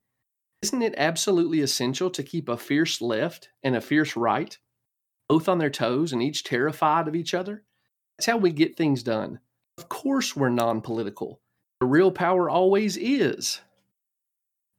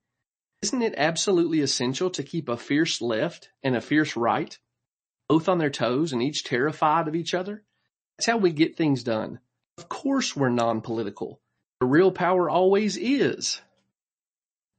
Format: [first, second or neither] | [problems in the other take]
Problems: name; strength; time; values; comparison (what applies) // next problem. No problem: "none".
first | garbled, watery; slightly; nothing above 8 kHz